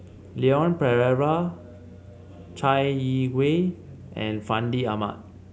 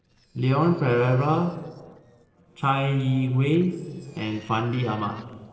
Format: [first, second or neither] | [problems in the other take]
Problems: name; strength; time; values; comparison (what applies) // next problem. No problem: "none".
first | noise reduction (neural separator model SepFormer DNS4)